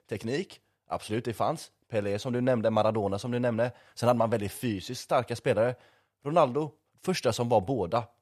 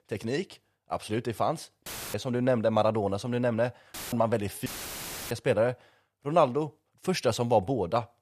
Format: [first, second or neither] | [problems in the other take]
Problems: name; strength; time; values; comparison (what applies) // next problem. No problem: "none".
first | audio cutting out; filled with static; at 2 s, at 4 s and at 4.5 s for 0.5 s